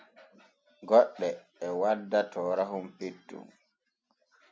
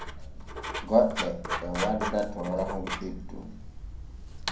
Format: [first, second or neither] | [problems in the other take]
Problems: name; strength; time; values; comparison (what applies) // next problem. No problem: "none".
first | background sound (Writing); 5 dB below the speech // room echo; dies away in 0.5 s